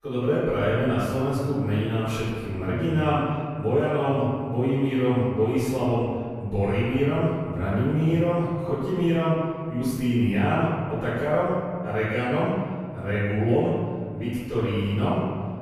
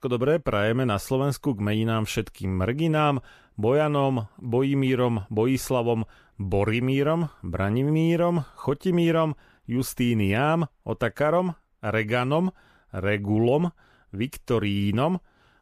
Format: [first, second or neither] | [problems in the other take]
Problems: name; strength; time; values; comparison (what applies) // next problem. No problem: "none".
second | off-mic speech; far // room echo; strong; dies away in 1.9 s